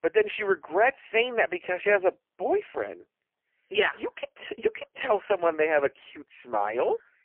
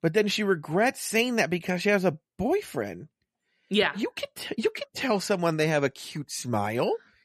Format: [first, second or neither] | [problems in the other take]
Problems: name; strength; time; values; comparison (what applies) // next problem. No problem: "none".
second | phone-call audio; poor line; nothing above 3 kHz